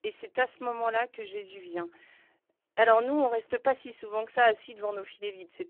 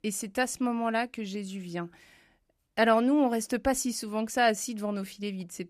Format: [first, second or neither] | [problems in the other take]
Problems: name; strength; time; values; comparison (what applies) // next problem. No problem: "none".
second | phone-call audio; poor line